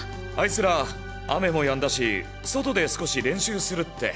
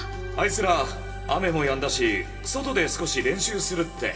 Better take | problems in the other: first | room echo; dies away in 2.9 s

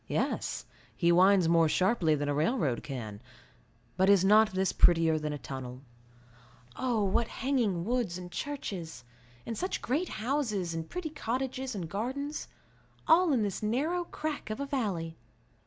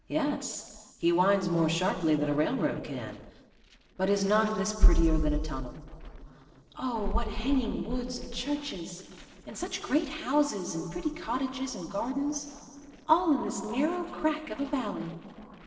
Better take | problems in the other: first | noise reduction (neural separator model SepFormer DNS4)

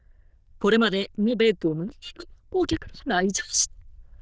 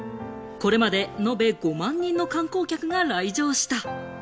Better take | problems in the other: second | noise reduction (neural diffusion model UNIVERSE++)

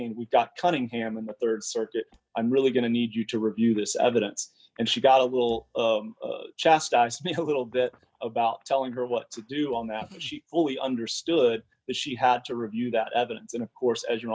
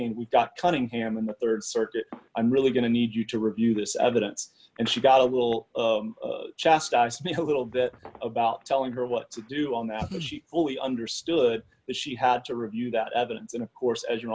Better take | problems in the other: second | noise reduction (neural mask model DeepFilterNet 3)

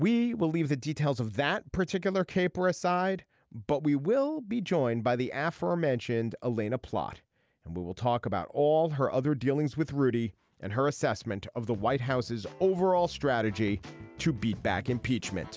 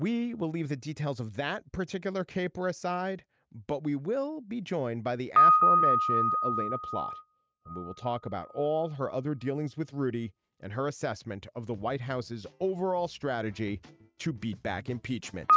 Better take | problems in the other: first | noise reduction (neural mask model RNNoise)

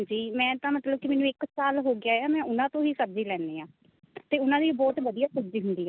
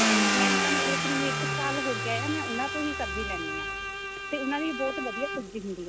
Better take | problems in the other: first | background sound (Bowed string instrument + Car); 4 dB above the speech

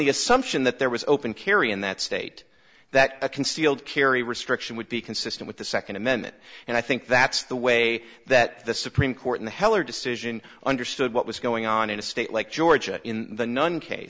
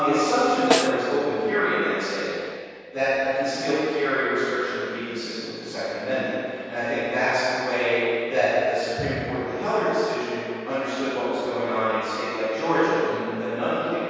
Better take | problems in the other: first | background sound (Snare drum); 4 dB below the speech // room echo; dies away in 2.2 s

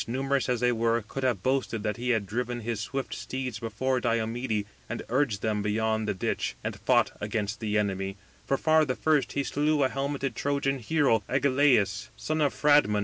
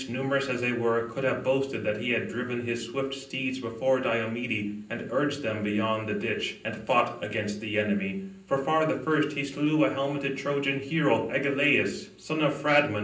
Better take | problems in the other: first | room echo; dies away in 0.6 s

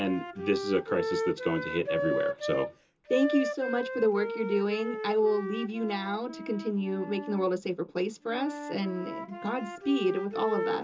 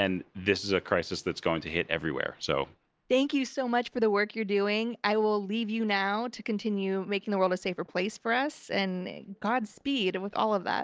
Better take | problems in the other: second | background sound (Wind instrument, woodwind instrument); 5 dB below the speech // room echo; dies away in 0.2 s

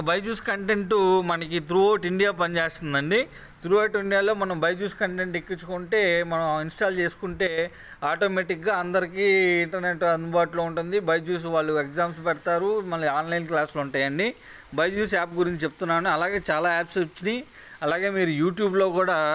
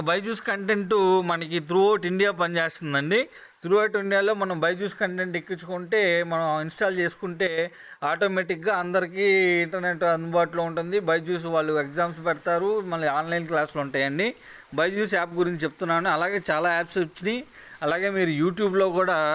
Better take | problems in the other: first | noise reduction (neural mask model Resemble Enhance denoiser)

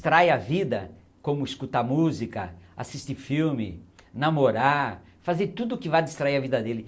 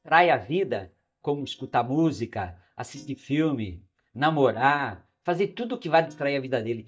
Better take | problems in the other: first | noise reduction (neural mask model DeepFilterNet 3)

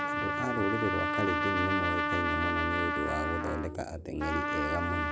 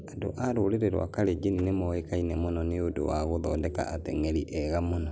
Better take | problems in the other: second | background sound (Trumpet); 3 dB above the speech

